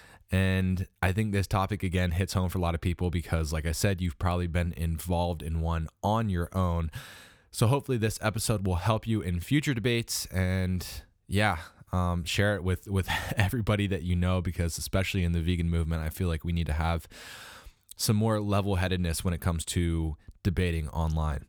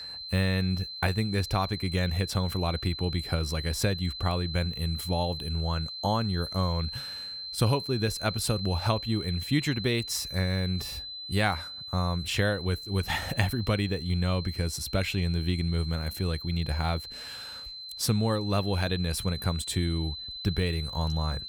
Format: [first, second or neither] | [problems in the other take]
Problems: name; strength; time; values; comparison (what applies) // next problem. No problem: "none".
first | high-pitched whine; loud; throughout; 4 kHz, 7 dB below the speech